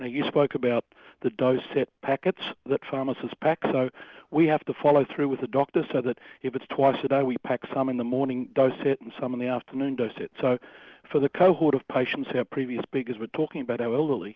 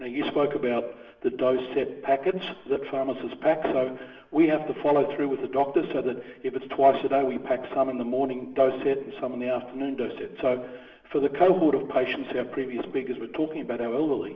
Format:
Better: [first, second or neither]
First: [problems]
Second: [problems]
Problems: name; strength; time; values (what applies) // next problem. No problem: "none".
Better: first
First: none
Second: room echo; dies away in 0.8 s